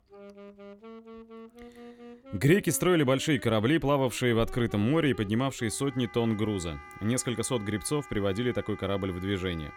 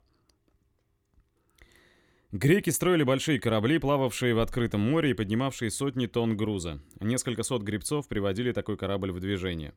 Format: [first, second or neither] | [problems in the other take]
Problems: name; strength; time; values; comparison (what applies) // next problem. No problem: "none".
second | background music; noticeable; throughout; 20 dB below the speech